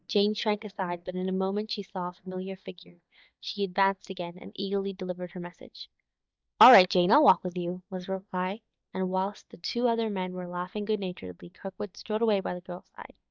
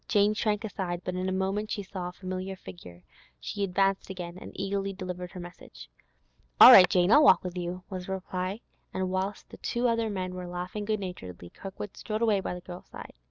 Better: second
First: noise reduction (neural mask model DeepFilterNet 3)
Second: none

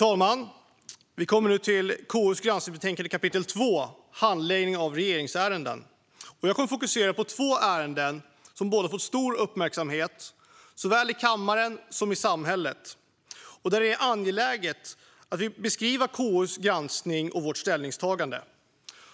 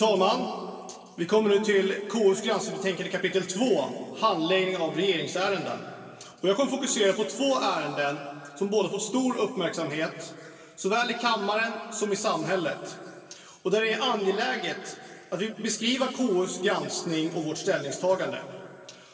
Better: first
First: none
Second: room echo; dies away in 2.2 s

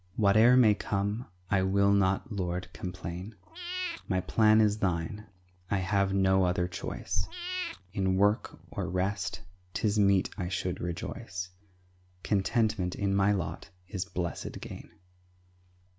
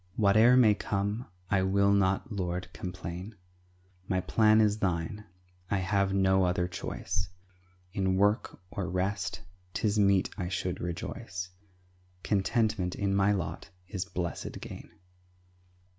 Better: second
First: background sound (Meow / Purr); 15 dB below the speech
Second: none

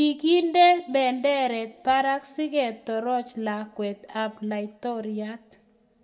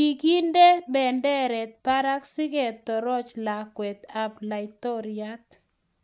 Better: second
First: room echo; dies away in 1.9 s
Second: none

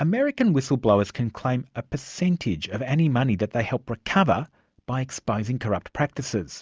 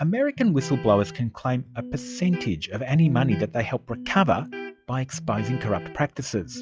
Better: first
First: none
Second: noise reduction (classical method log-MMSE)

